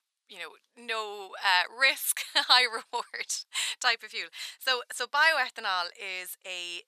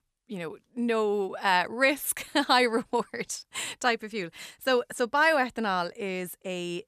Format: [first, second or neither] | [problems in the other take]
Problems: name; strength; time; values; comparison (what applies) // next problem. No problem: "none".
second | thin; very; fading below 1 kHz